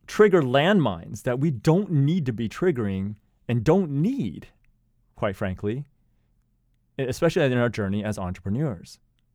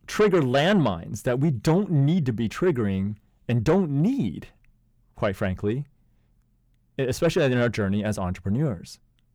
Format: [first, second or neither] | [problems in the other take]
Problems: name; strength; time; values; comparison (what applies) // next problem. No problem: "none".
first | distortion; slight; 10 dB below the speech